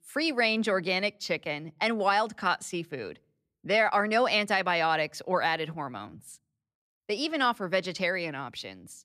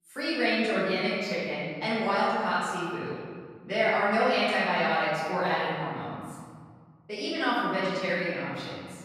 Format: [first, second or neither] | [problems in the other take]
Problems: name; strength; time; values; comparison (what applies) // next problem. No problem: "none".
first | room echo; strong; dies away in 1.9 s // off-mic speech; far